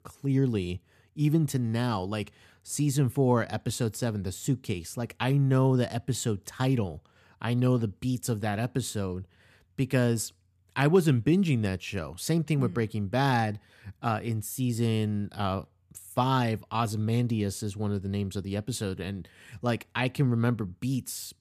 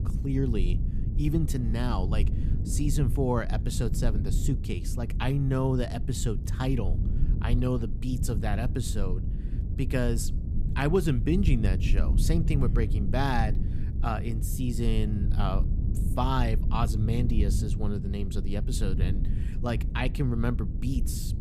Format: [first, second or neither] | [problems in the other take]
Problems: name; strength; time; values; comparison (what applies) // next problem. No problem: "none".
first | low rumble; loud; throughout; 10 dB below the speech